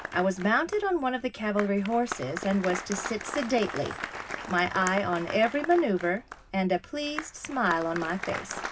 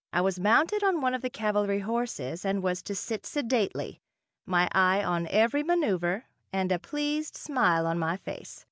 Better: second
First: background sound (Applause); 10 dB below the speech // room echo; dies away in 0.4 s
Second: none

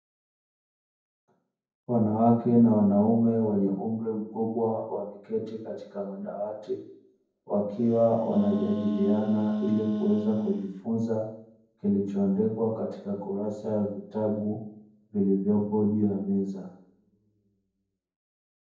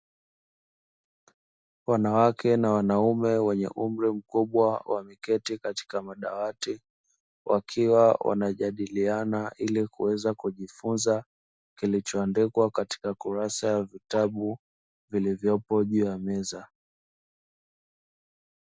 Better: second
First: background sound (Wind instrument, woodwind instrument); 2 dB below the speech // room echo; dies away in 0.9 s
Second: none

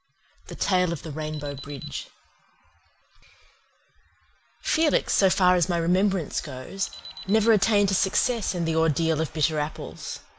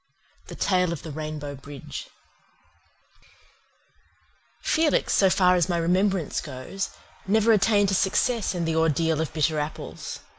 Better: second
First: background sound (Alarm); 18 dB below the speech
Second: none

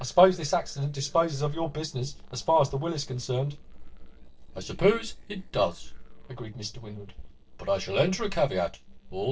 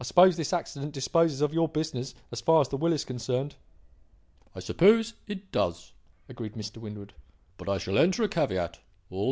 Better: second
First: noise reduction (neural separator model SepFormer DNS4)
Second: none

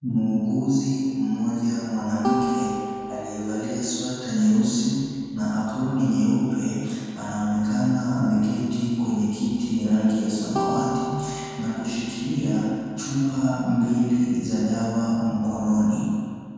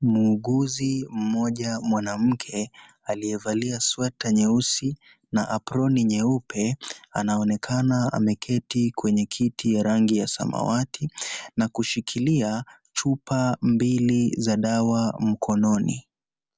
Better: second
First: background sound (Acoustic guitar); 9 dB below the speech // room echo; dies away in 2.1 s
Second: none

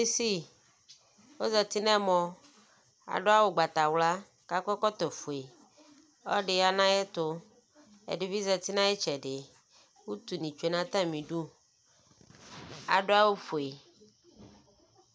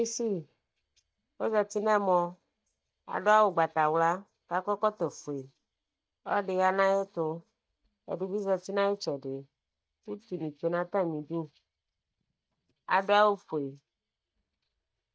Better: first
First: none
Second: noise reduction (neural mask model DeepFilterNet 3)

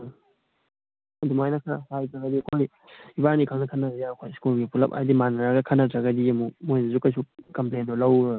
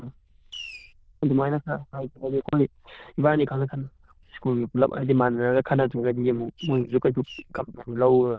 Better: first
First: none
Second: noise reduction (neural diffusion model UNIVERSE++)

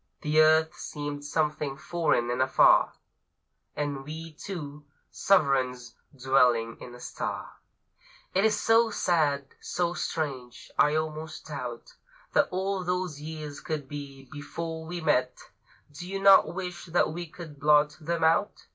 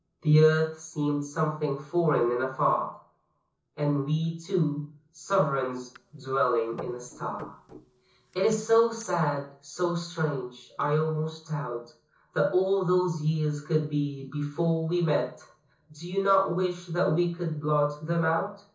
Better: first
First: none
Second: noise reduction (neural separator model SepFormer DNS4)

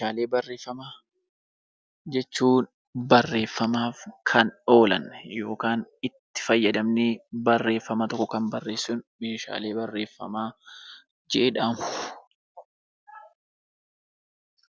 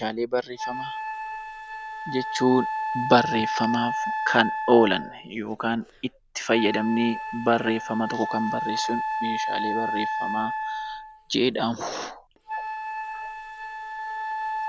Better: first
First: none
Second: background sound (Wind instrument, woodwind instrument); 4 dB below the speech

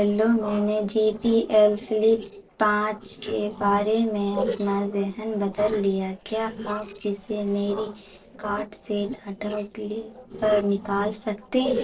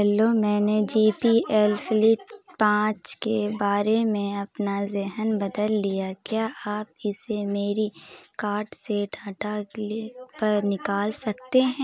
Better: second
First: noise reduction (neural separator model SepFormer DNS4)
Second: none

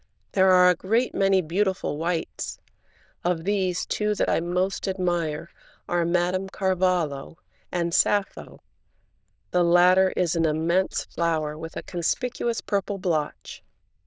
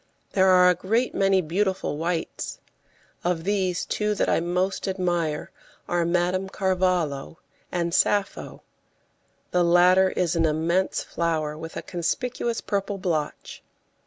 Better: second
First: noise reduction (neural diffusion model UNIVERSE++)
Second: none

